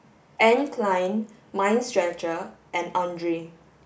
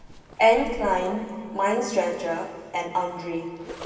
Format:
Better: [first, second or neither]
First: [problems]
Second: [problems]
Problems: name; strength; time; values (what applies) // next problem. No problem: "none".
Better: first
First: none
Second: background sound (Zipper (clothing)); 18 dB below the speech // room echo; dies away in 2.4 s